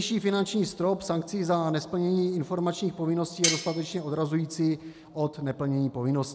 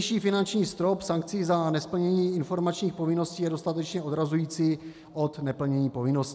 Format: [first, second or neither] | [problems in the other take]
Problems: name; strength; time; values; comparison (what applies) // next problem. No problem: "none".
second | background sound (Cutlery, silverware); 3 dB below the speech